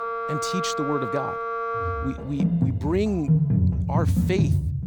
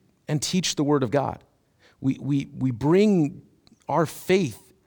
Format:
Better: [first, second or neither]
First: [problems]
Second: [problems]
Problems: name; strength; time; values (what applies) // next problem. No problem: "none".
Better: second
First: background music; very loud; throughout; 4 dB above the speech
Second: none